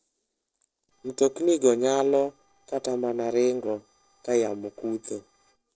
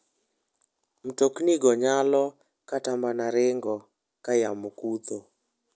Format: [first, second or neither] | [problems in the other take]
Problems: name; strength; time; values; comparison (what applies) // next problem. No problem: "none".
second | noise reduction (neural separator model SepFormer DNS4)